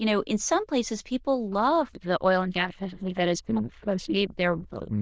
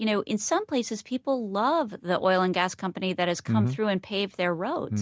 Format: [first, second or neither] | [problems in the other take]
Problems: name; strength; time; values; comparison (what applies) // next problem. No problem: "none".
second | noise reduction (neural diffusion model UNIVERSE++)